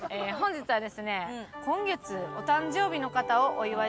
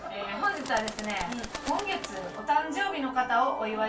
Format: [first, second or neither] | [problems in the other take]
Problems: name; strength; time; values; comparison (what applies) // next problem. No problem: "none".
first | background sound (Bird); 10 dB below the speech // room echo; dies away in 0.2 s